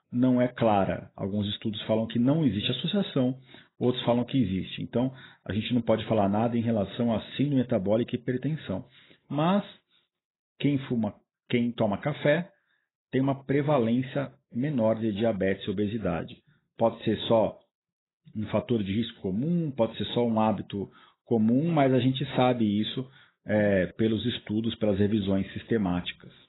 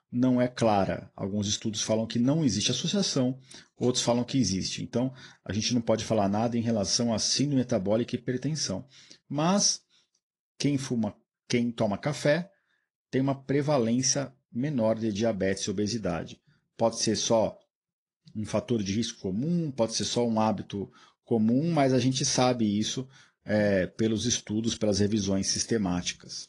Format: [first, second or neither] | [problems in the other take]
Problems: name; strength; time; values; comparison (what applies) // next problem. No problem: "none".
second | garbled, watery; badly; nothing above 4 kHz; slightly in the second